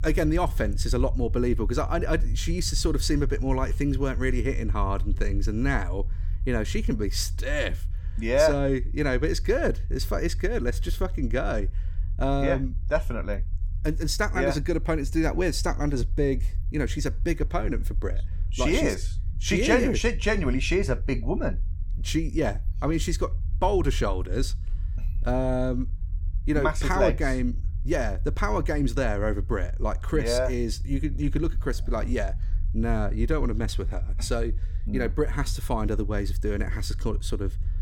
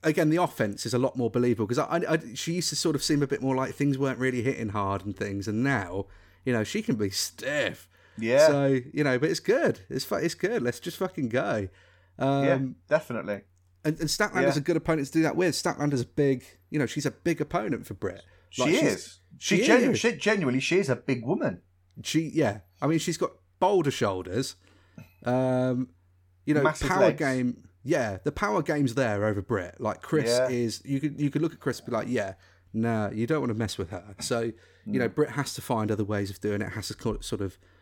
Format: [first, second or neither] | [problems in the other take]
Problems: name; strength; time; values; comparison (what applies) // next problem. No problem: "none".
second | low rumble; faint; throughout; 25 dB below the speech